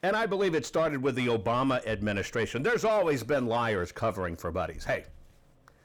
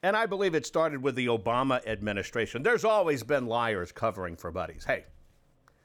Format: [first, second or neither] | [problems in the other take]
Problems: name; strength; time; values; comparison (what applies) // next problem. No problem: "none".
second | distortion; slight; 10 dB below the speech